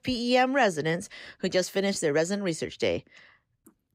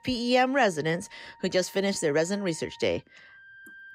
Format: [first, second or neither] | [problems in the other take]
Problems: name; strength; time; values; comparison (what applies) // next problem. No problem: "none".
first | background music; faint; throughout; 25 dB below the speech